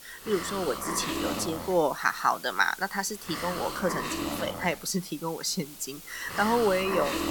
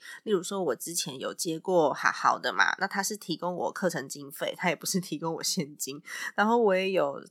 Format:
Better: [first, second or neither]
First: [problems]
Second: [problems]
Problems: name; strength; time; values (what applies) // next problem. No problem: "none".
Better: second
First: hiss; loud; throughout; 6 dB below the speech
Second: none